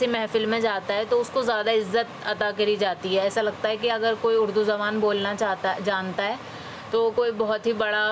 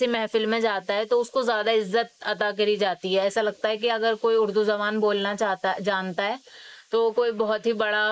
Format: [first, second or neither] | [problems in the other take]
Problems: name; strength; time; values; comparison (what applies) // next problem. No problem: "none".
first | noise reduction (neural mask model Resemble Enhance denoiser)